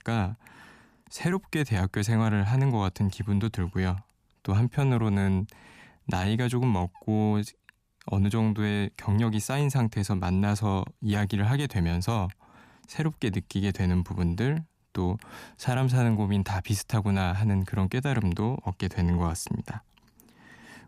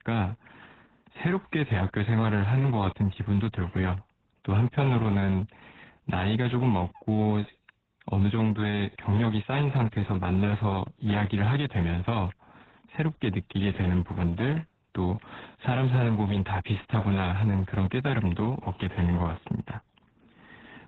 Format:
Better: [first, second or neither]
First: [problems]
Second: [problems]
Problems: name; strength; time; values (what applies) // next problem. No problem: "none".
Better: first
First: none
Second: garbled, watery; badly; nothing above 4 kHz